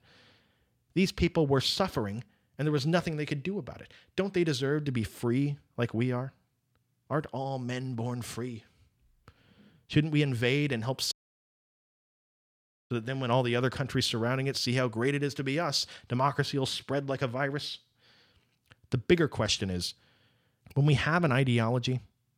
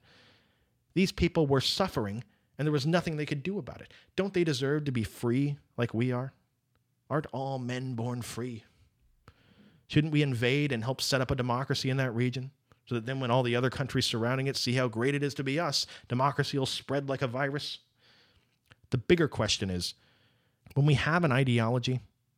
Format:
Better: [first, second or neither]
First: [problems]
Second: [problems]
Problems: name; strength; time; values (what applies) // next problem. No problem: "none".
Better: second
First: audio cutting out; at 11 s for 2 s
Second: none